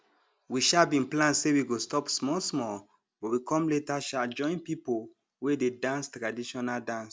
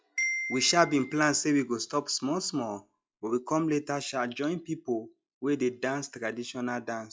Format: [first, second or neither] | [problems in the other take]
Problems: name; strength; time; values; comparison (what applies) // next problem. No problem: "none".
first | noise reduction (classical method log-MMSE)